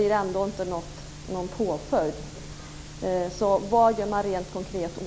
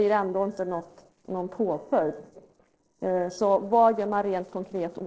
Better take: first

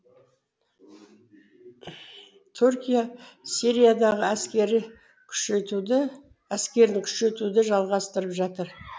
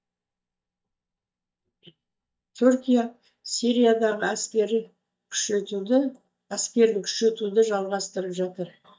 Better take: first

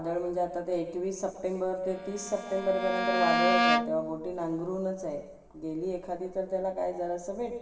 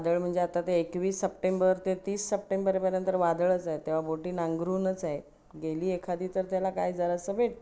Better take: second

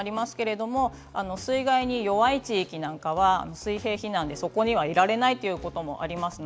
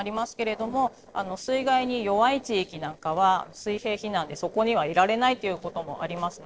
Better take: first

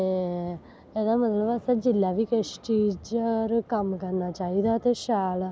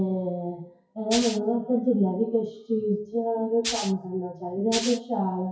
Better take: first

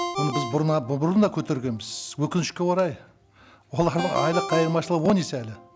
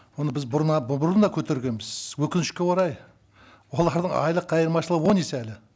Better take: second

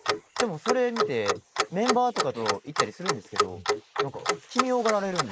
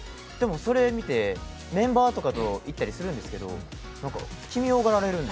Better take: second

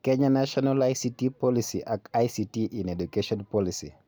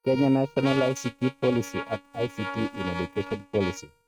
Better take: first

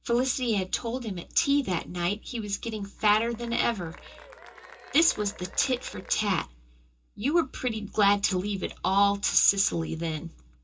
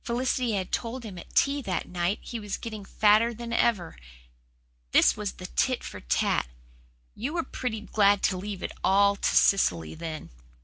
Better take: second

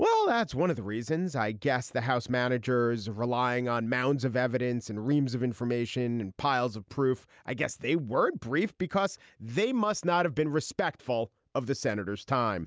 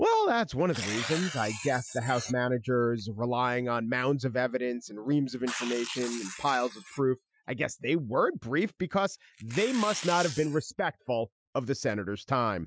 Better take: first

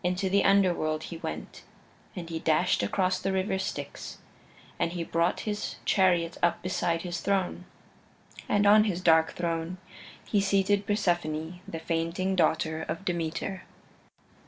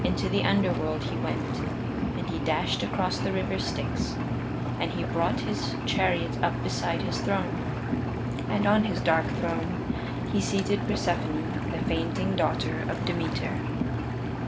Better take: first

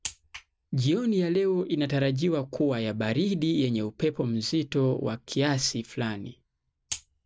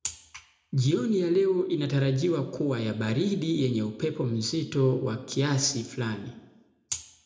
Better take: first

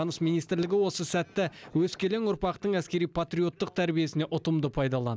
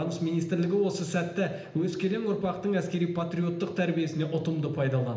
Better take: first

